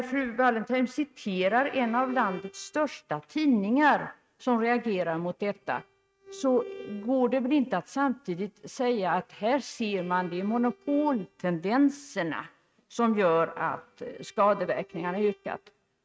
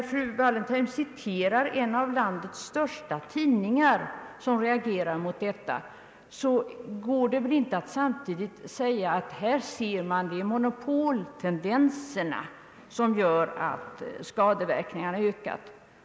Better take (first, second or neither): second